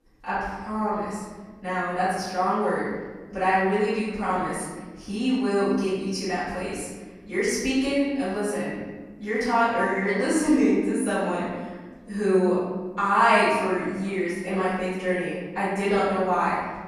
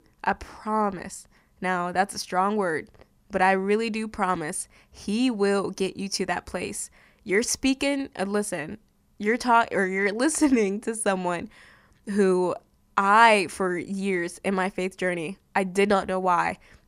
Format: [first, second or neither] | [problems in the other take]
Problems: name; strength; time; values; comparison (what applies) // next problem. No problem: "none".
second | off-mic speech; far // room echo; strong; dies away in 1.3 s